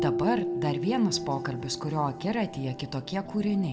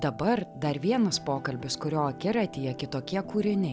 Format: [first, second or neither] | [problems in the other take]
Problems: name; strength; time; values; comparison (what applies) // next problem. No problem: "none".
second | background sound (Keyboard (musical)); 5 dB below the speech // room echo; dies away in 2.1 s